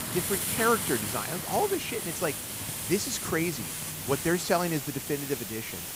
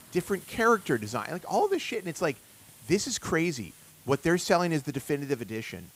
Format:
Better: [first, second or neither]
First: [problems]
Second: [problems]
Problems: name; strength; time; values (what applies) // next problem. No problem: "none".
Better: second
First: hiss; loud; throughout; 2 dB below the speech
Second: hiss; faint; throughout; 20 dB below the speech